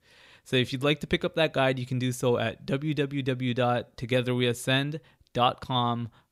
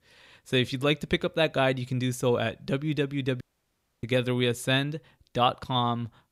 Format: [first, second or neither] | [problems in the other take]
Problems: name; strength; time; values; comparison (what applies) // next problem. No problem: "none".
first | audio cutting out; at 3.5 s for 0.5 s